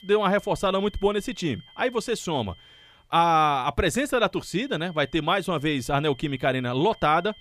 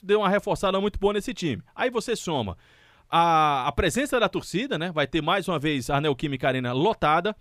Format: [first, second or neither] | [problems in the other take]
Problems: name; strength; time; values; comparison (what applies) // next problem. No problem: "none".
second | high-pitched whine; faint; until 3 s and from 4.5 s on; 3 kHz, 25 dB below the speech